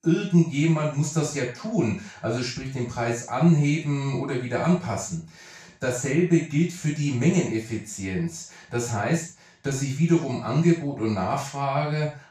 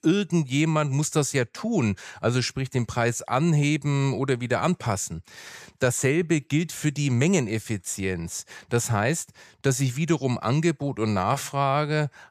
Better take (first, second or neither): second